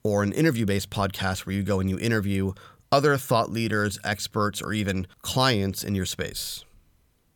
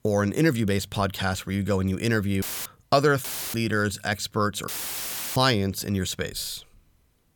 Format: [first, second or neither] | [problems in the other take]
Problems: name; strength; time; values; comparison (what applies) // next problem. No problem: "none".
first | audio cutting out; filled with static; at 2.5 s, at 3 s and at 4.5 s for 0.5 s